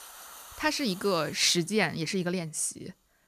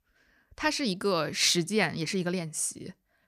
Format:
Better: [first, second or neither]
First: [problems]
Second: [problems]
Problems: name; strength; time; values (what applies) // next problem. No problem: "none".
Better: second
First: hiss; noticeable; throughout; 20 dB below the speech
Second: none